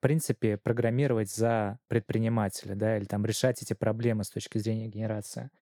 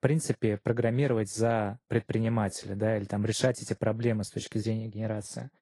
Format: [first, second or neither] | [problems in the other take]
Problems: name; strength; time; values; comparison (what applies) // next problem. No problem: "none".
first | garbled, watery; slightly; nothing above 10.5 kHz